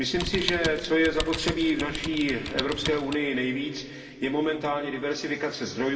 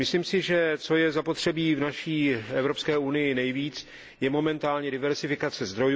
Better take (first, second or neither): second